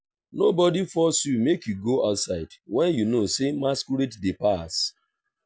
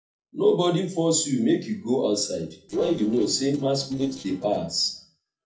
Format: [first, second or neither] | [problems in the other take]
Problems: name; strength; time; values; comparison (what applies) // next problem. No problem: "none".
first | noise reduction (neural separator model SepFormer DNS4)